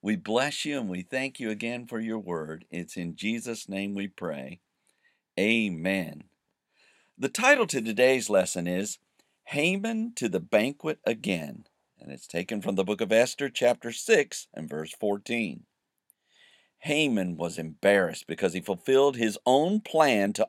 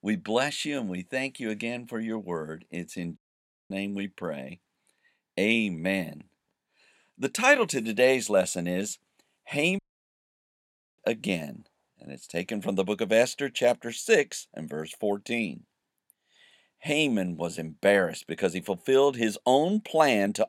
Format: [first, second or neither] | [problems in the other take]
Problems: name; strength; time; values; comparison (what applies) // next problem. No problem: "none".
first | audio cutting out; at 3 s for 0.5 s and at 10 s for 1 s